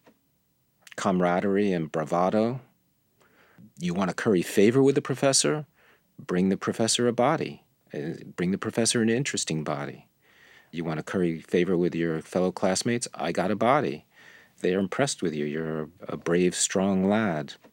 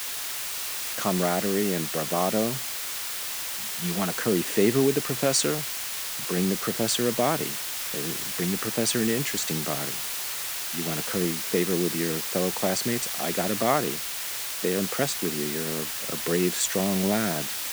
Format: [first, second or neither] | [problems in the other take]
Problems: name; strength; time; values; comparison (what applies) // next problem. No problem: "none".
first | hiss; loud; throughout; 1 dB below the speech